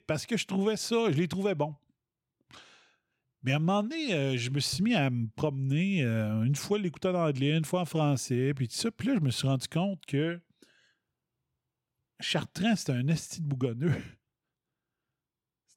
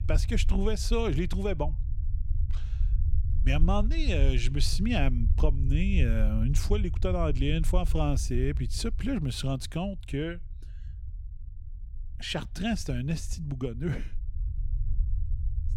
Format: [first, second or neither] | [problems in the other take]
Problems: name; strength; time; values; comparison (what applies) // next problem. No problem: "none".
first | low rumble; noticeable; throughout; 15 dB below the speech